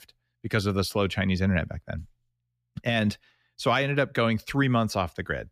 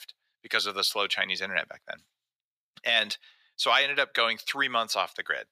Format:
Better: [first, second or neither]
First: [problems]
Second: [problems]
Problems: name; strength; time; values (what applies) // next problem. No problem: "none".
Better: first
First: none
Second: thin; very; fading below 750 Hz